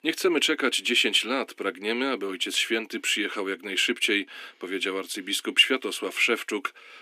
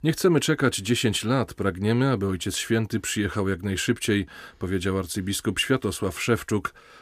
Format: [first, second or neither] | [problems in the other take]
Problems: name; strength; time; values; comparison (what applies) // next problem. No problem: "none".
second | thin; somewhat; fading below 250 Hz